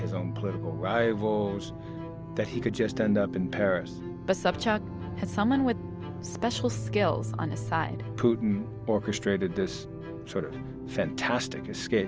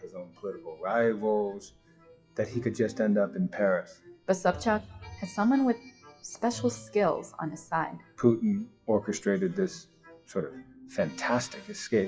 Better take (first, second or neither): first